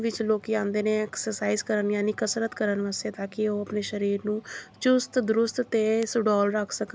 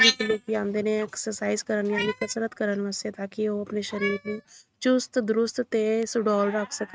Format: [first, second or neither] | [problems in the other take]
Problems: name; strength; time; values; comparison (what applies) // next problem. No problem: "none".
first | noise reduction (neural mask model RNNoise)